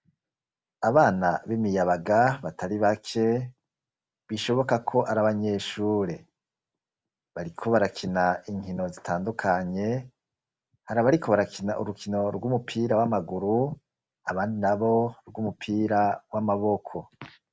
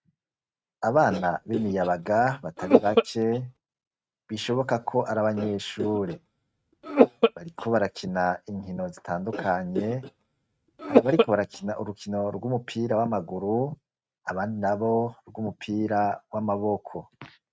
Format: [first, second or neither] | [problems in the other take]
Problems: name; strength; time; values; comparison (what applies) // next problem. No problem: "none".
first | noise reduction (neural mask model RNNoise)